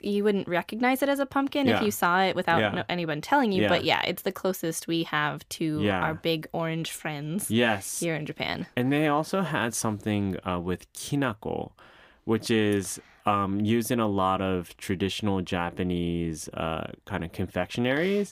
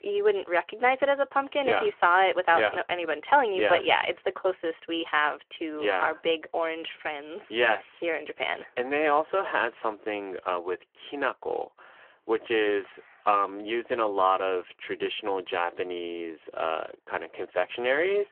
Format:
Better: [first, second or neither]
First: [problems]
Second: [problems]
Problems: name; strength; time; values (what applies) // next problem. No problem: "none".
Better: first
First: none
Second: phone-call audio